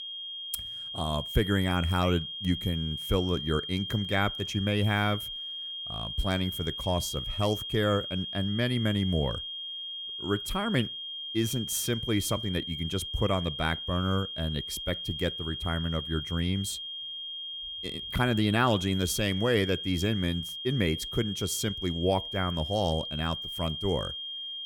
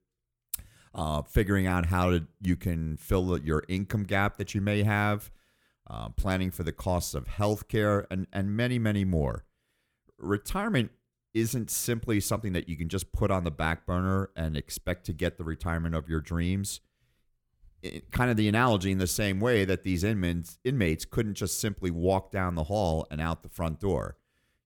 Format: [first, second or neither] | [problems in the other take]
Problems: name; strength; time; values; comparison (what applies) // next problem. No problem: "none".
second | high-pitched whine; loud; throughout; 3 kHz, 5 dB below the speech